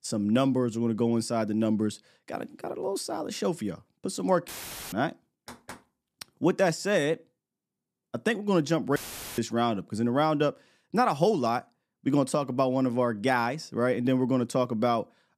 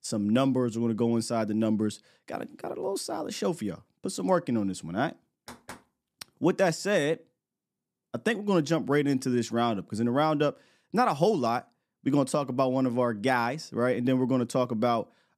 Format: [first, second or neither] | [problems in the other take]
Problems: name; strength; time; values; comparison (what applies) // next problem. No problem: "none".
second | audio cutting out; filled with static; at 4.5 s and at 9 s